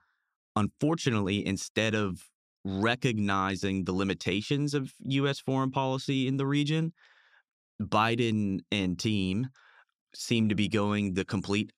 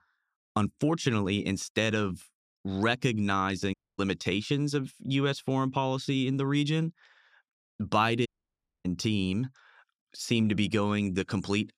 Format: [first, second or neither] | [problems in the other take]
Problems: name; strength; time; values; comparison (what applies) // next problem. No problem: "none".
first | audio cutting out; at 3.5 s and at 8.5 s for 0.5 s